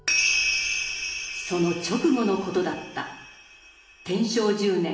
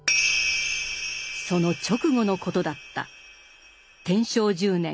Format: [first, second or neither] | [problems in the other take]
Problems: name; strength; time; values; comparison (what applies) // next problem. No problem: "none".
second | room echo; dies away in 0.8 s